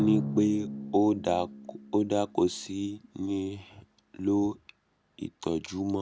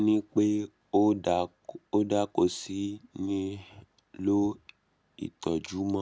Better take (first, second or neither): second